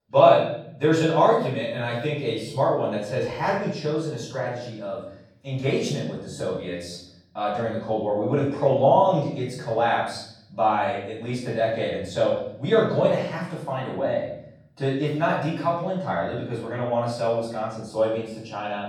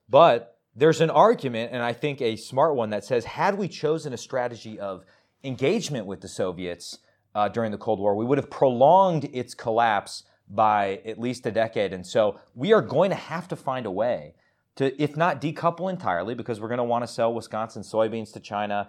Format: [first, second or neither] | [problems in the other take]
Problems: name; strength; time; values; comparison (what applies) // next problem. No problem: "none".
second | off-mic speech; far // room echo; noticeable; dies away in 0.7 s